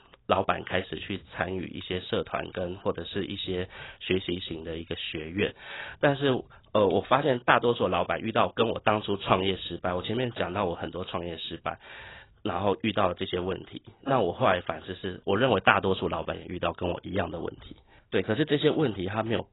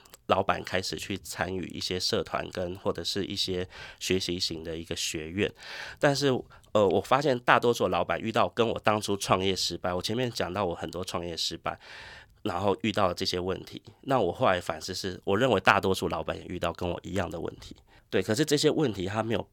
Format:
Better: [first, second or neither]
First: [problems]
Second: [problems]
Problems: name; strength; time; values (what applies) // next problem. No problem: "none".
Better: second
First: garbled, watery; badly; nothing above 4 kHz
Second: none